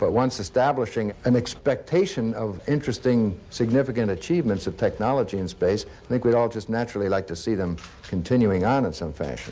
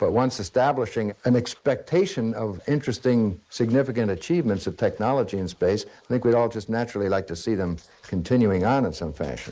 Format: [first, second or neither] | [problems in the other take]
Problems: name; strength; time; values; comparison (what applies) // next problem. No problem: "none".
first | noise reduction (neural mask model Resemble Enhance denoiser)